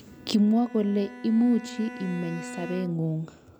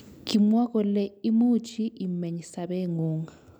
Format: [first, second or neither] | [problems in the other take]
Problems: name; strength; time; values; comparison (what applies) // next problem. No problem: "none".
second | background sound (Bowed string instrument); 15 dB below the speech